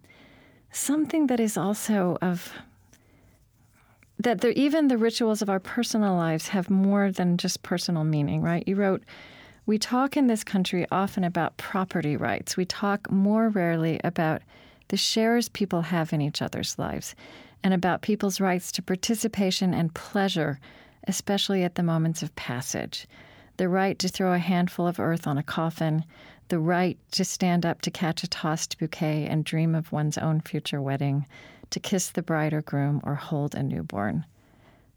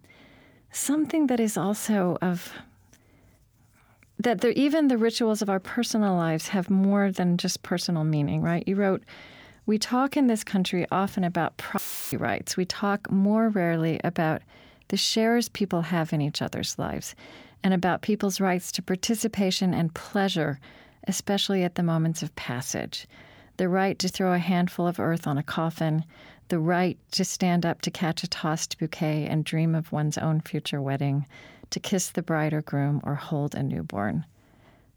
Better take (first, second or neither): first